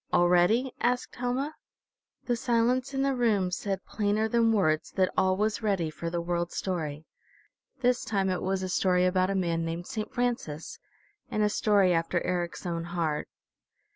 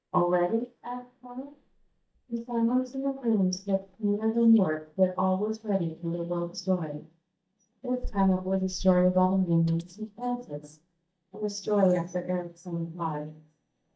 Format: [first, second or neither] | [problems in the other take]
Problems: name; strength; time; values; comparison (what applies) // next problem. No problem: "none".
first | noise reduction (neural mask model DeepFilterNet 3)